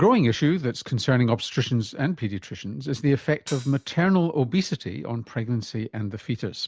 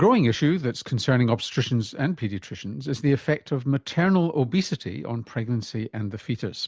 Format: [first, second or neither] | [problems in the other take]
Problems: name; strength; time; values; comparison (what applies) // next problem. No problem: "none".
second | background sound (Hi-hat); 18 dB below the speech